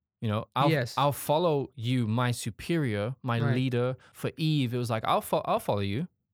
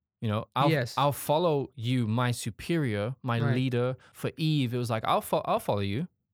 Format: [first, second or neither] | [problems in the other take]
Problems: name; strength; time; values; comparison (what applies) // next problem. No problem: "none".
neither | none